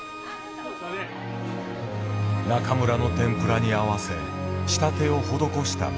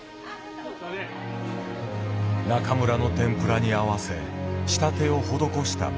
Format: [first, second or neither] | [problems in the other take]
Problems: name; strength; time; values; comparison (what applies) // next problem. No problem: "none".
second | background sound (Bowed string instrument); 16 dB below the speech